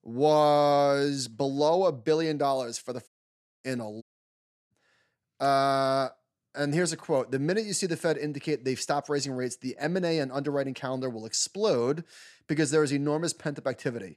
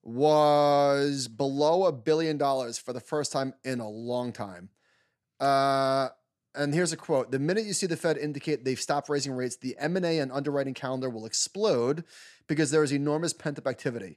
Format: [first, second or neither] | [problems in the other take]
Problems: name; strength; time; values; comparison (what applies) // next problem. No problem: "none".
second | audio cutting out; at 3 s for 0.5 s and at 4 s for 0.5 s